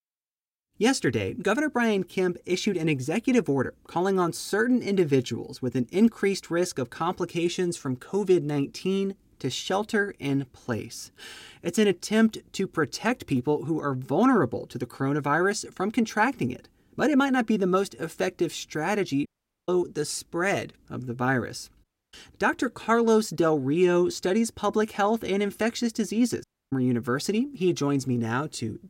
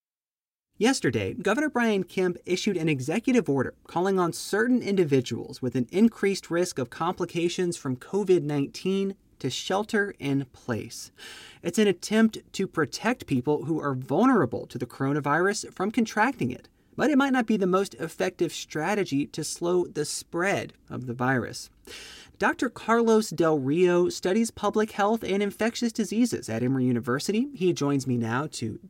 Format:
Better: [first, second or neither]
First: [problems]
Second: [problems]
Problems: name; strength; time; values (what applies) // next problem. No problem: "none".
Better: second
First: audio cutting out; at 19 s, at 22 s and at 26 s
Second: none